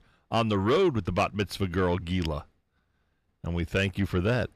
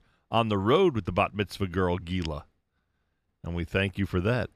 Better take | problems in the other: second | distortion; slight; 10 dB below the speech

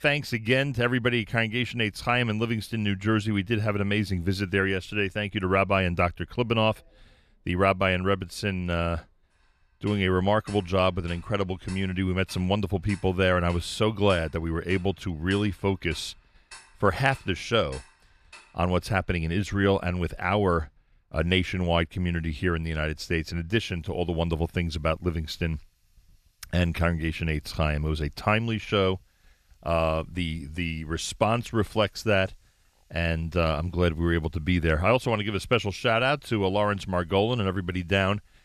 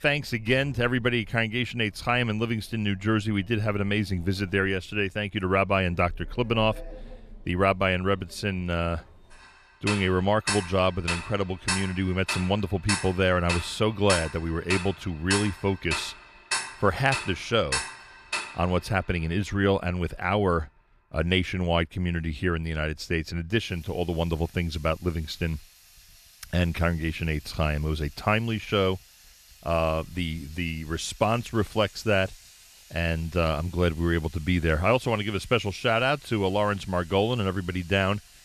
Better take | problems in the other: first | household noises; loud; throughout; 6 dB below the speech; faint in the first

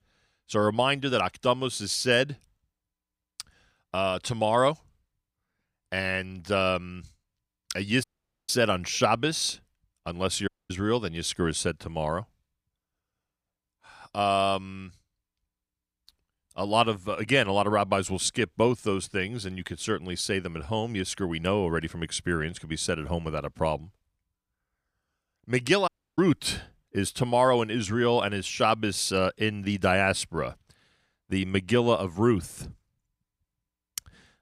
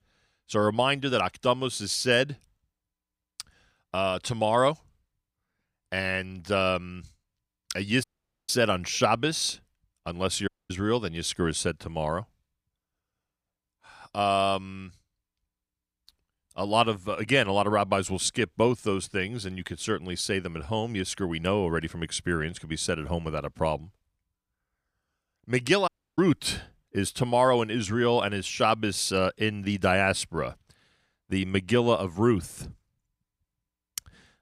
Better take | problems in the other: neither | audio cutting out; at 8 s, at 10 s and at 26 s; the same in both

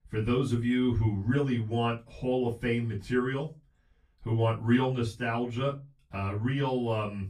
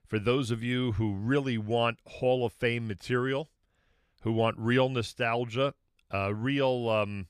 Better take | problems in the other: second | off-mic speech; far // room echo; very slight; dies away in 0.2 s

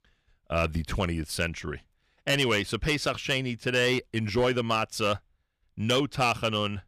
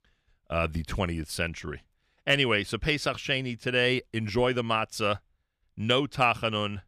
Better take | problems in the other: second | distortion; slight; 4% of the sound clipped

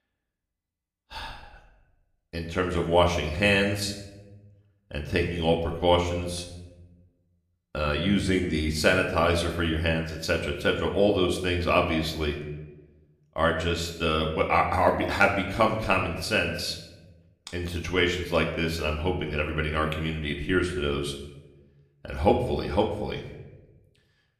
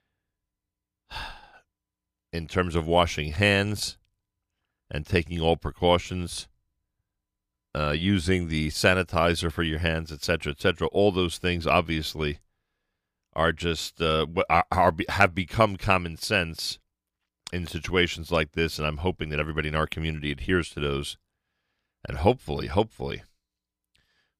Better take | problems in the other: second | room echo; slight; dies away in 0.8 s // off-mic speech; somewhat distant

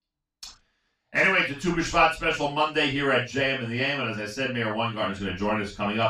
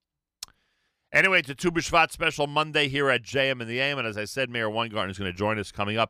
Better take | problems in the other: second | room echo; noticeable; dies away in 0.2 s // off-mic speech; far

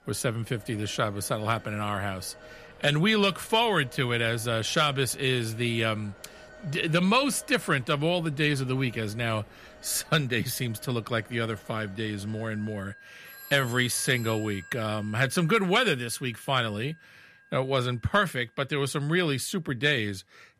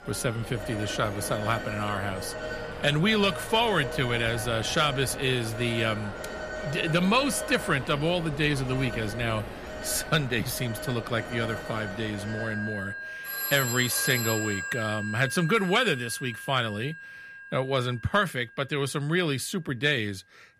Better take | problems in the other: first | alarms or sirens; loud; throughout; 8 dB below the speech; faint in the first

